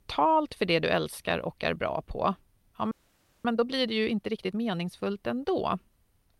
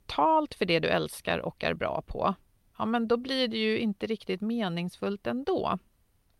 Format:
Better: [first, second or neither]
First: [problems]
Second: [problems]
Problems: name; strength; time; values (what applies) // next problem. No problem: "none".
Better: second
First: audio freezing; at 3 s for 0.5 s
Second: none